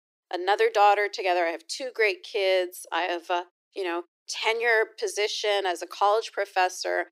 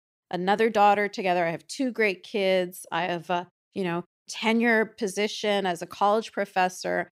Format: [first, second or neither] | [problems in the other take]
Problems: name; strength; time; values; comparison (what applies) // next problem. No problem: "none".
second | thin; very; fading below 350 Hz